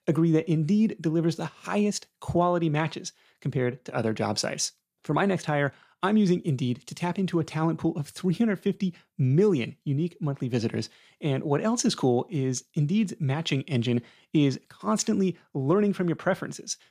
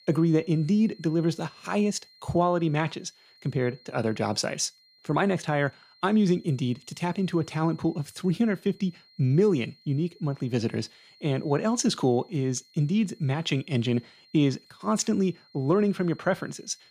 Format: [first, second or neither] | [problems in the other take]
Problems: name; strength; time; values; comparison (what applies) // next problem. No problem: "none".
first | high-pitched whine; faint; throughout; 4 kHz, 30 dB below the speech